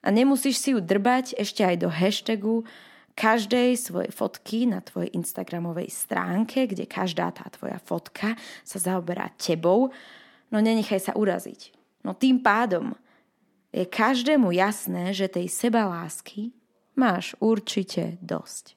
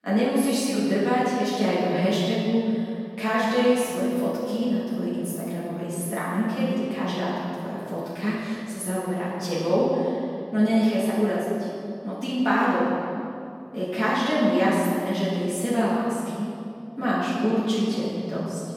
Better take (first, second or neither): first